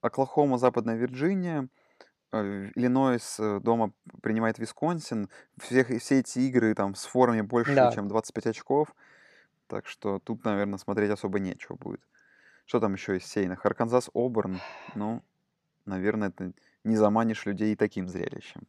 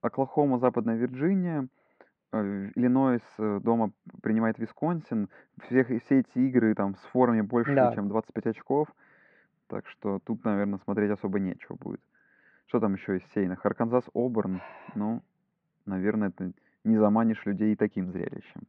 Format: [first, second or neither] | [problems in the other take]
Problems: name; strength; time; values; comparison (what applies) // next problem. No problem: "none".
first | muffled; very; fading above 2.5 kHz